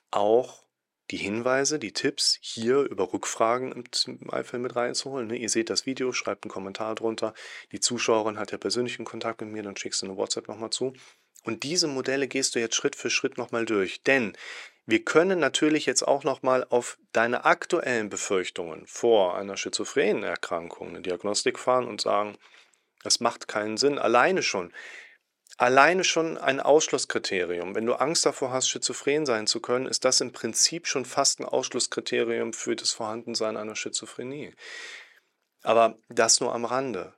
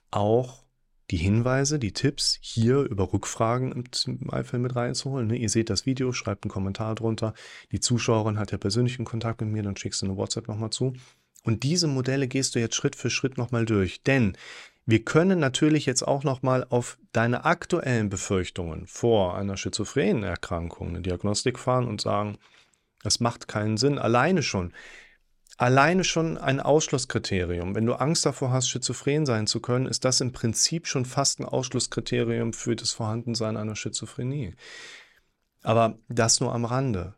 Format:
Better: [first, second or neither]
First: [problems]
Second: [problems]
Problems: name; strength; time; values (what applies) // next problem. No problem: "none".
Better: second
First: thin; somewhat; fading below 400 Hz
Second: none